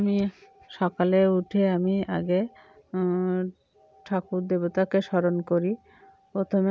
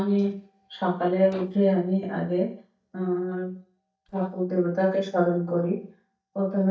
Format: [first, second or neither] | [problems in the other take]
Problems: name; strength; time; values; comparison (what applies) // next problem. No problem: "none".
first | noise reduction (neural mask model DeepFilterNet 3)